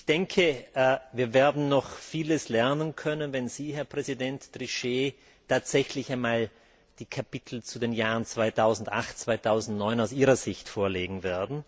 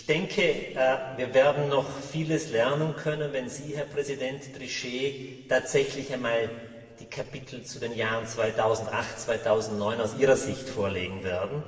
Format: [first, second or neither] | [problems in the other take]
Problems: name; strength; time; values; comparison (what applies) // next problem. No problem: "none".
first | room echo; dies away in 2.3 s